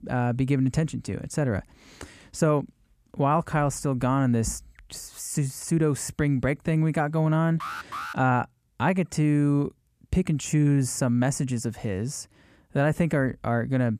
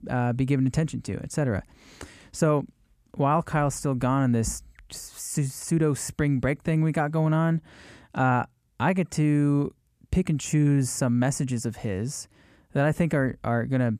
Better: second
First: alarm; noticeable; at 7.5 s; peak 8 dB below the speech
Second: none

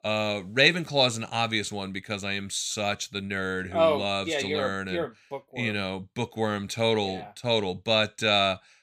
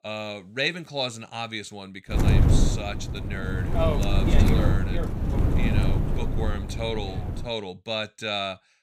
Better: first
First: none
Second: wind noise on the microphone; heavy; from 2 to 7.5 s; 3 dB below the speech

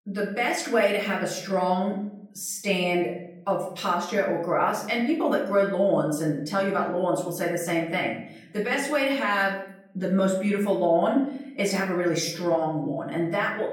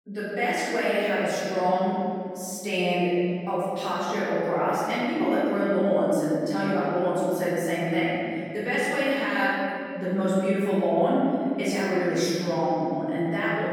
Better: first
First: room echo; slight; dies away in 0.6 s // off-mic speech; far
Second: room echo; strong; dies away in 2.7 s // off-mic speech; far

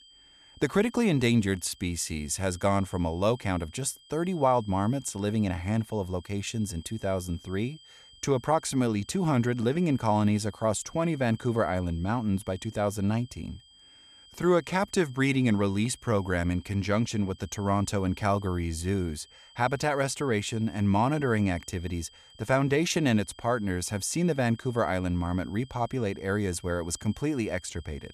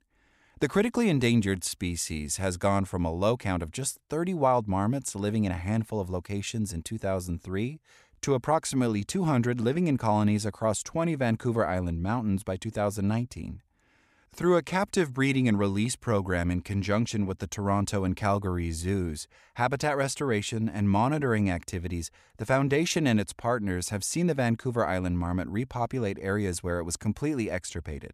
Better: second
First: high-pitched whine; faint; throughout; 3 kHz, 25 dB below the speech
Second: none

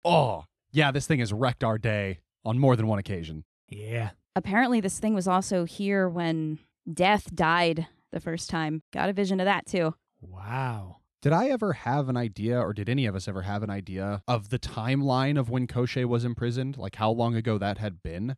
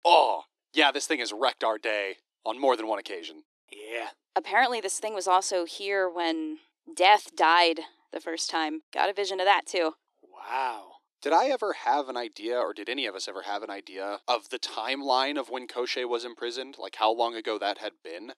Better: first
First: none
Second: thin; very; fading below 300 Hz

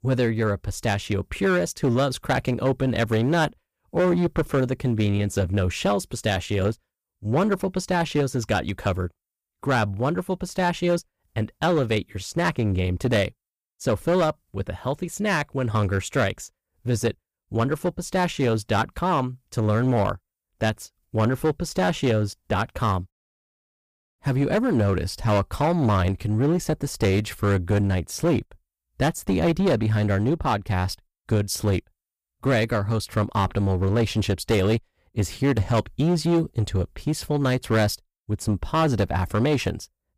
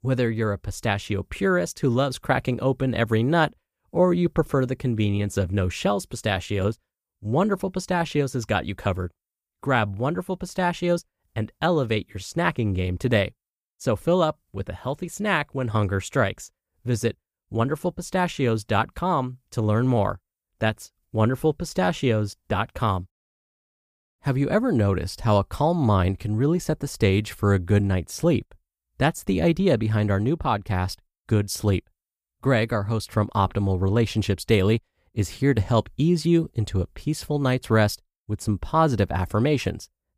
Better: second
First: distortion; slight; 8% of the sound clipped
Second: none

